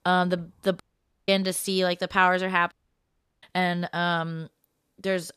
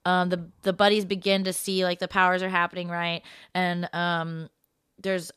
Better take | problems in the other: second | audio cutting out; at 1 s and at 2.5 s for 0.5 s

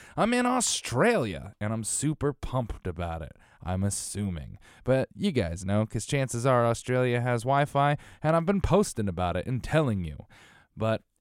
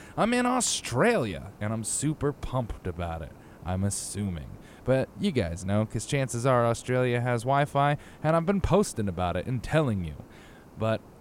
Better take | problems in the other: first | hiss; faint; throughout; 25 dB below the speech

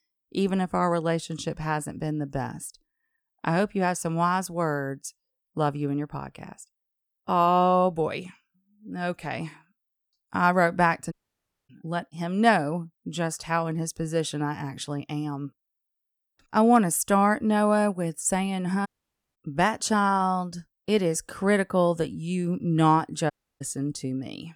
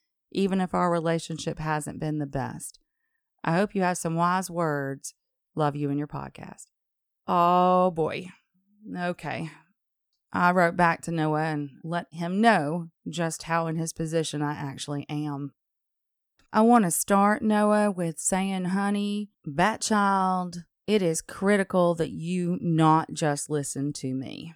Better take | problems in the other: second | audio cutting out; at 11 s for 0.5 s, at 19 s for 0.5 s and at 23 s

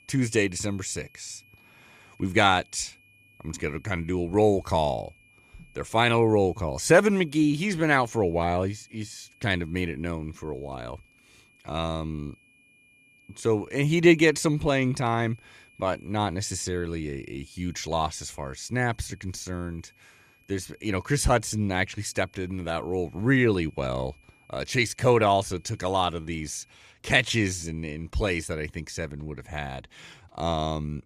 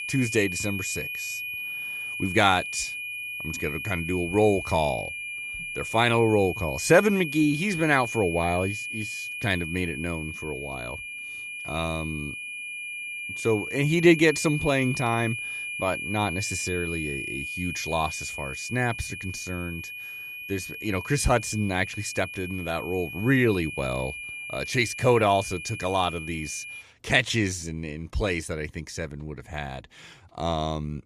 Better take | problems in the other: first | high-pitched whine; loud; until 27 s; 2.5 kHz, 6 dB below the speech; faint in the first

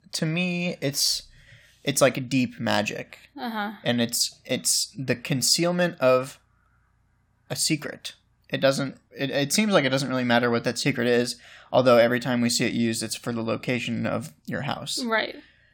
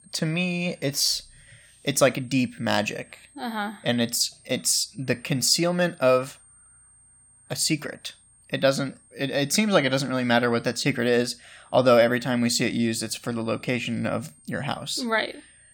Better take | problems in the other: first | high-pitched whine; faint; throughout; 8.5 kHz, 30 dB below the speech

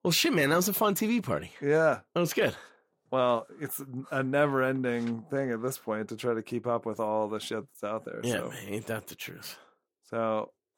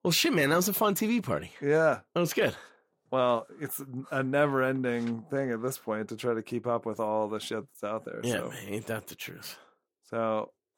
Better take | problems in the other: neither | none

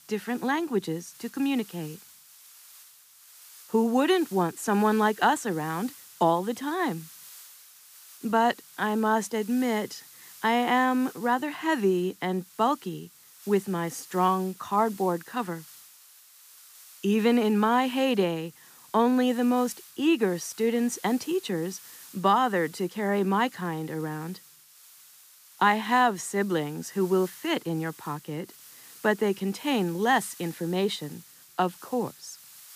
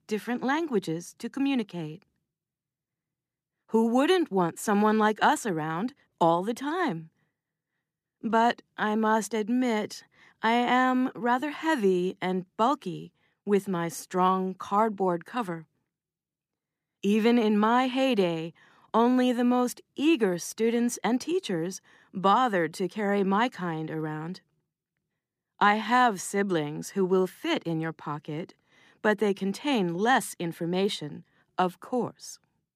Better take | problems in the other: second | hiss; faint; throughout; 20 dB below the speech

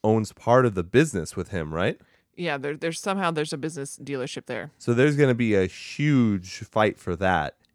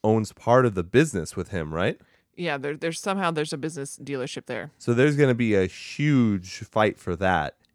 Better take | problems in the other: neither | none

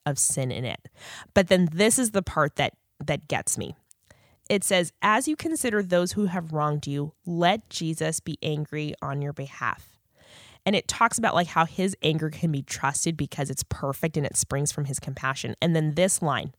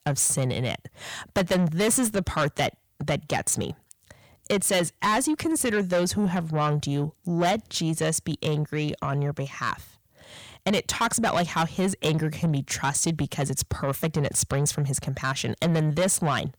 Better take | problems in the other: first | distortion; heavy; 8 dB below the speech

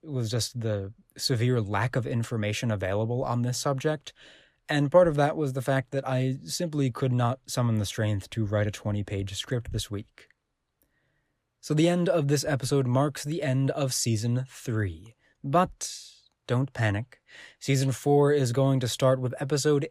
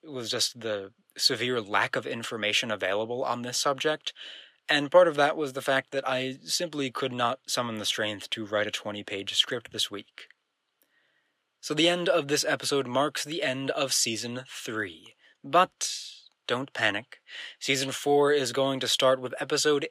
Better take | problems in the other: first | thin; somewhat; fading below 350 Hz

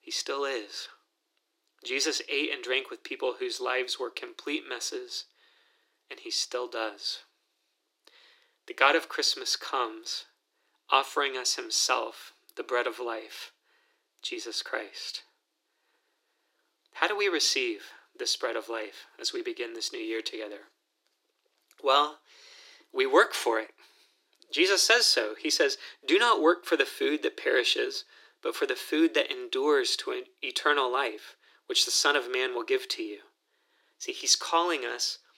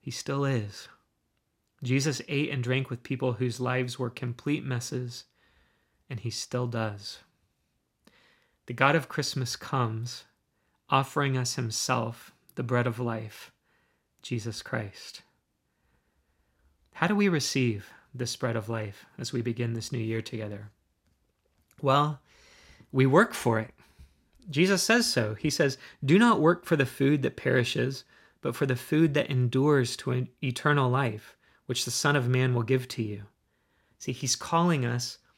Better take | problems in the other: second | thin; very; fading below 300 Hz

